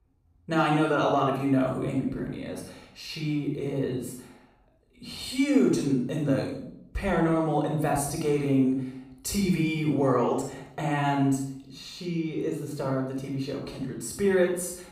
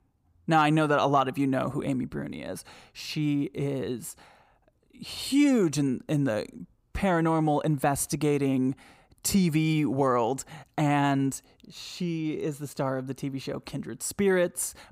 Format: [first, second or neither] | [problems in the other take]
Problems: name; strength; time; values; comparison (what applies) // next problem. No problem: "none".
second | room echo; noticeable; dies away in 0.6 s // off-mic speech; somewhat distant